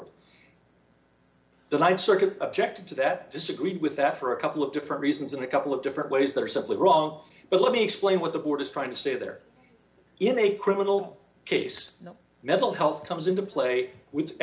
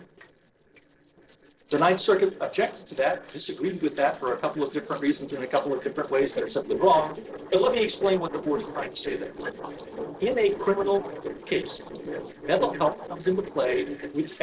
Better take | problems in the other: first | noise reduction (neural separator model SepFormer DNS4)

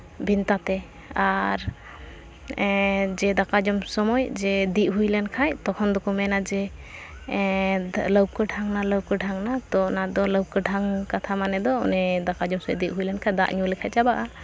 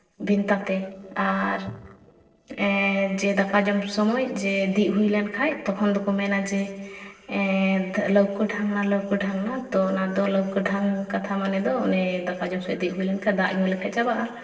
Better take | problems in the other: first | noise reduction (neural separator model SepFormer DNS4)

